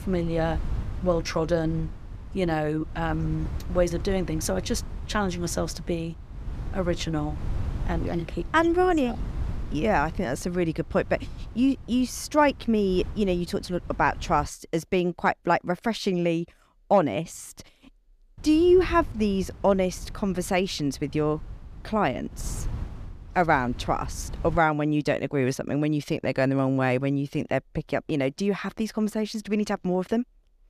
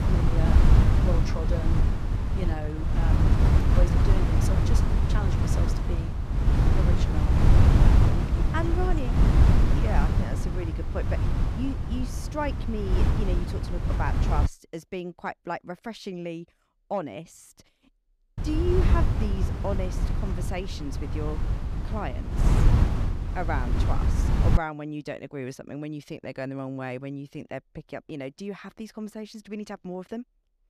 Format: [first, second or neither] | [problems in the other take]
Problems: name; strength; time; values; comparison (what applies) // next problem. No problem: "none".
first | wind noise on the microphone; heavy; until 14 s and from 18 to 25 s; 1 dB above the speech; occasional gusts in the first